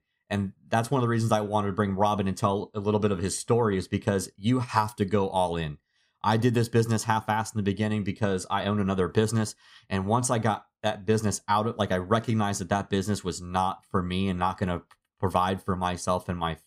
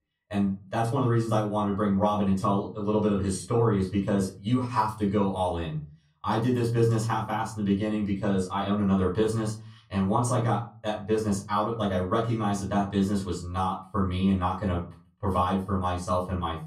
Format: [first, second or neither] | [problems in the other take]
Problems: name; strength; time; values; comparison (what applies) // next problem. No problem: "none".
first | off-mic speech; far // room echo; slight; dies away in 0.3 s